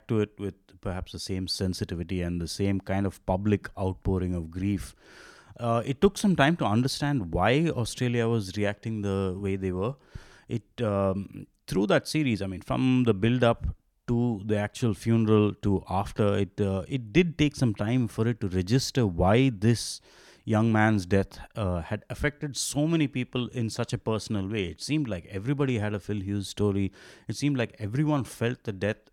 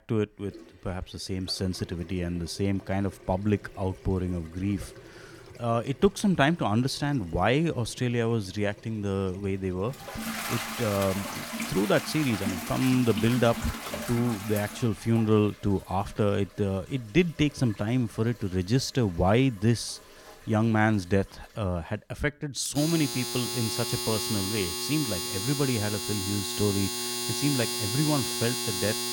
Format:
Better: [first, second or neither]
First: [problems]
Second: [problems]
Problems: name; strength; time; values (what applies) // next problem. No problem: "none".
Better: first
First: none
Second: household noises; loud; throughout; 3 dB below the speech